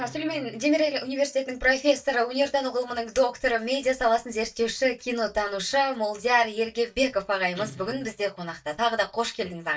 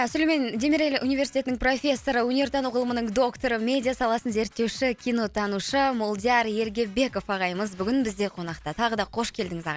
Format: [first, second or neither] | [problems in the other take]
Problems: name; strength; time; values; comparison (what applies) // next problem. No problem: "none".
second | noise reduction (neural mask model DeepFilterNet 3)